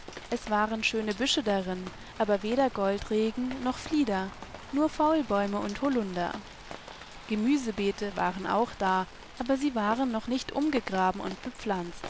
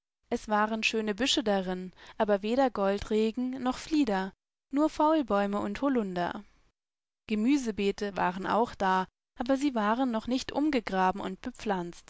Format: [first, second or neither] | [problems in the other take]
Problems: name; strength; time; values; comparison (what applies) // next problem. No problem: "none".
second | background sound (Rain); 15 dB below the speech